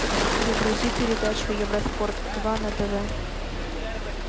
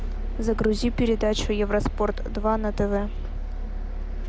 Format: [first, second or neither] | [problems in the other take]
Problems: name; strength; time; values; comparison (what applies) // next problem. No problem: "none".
second | background sound (Bird); 2 dB below the speech